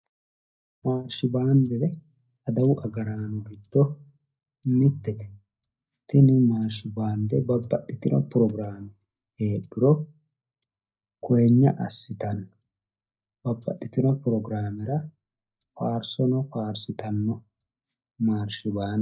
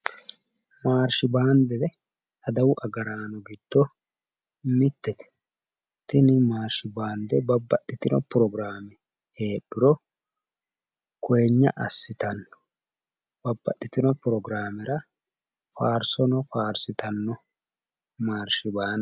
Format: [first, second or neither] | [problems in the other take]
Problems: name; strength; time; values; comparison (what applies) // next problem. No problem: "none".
second | noise reduction (neural mask model DeepFilterNet 3)